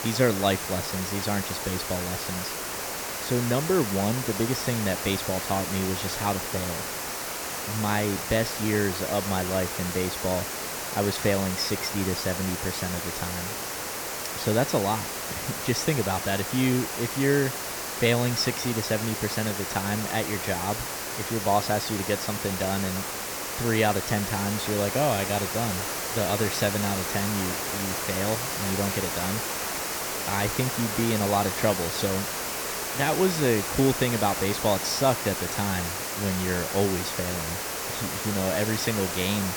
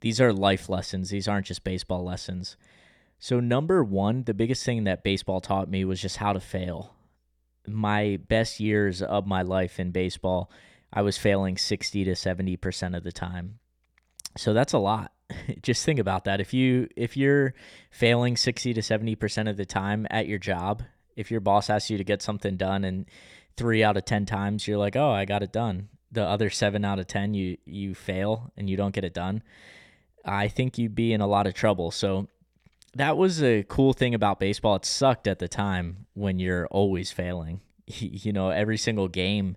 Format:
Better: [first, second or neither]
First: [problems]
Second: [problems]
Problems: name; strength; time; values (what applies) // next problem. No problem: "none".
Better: second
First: hiss; loud; throughout; 2 dB below the speech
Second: none